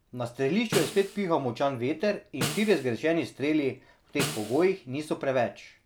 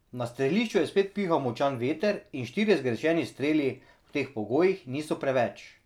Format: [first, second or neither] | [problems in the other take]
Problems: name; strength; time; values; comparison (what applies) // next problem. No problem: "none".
second | background sound (Snare drum); 10 dB below the speech